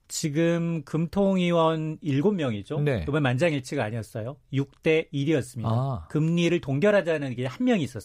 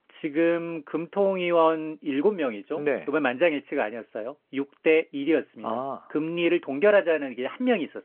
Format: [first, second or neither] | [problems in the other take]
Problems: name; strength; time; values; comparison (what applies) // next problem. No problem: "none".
first | phone-call audio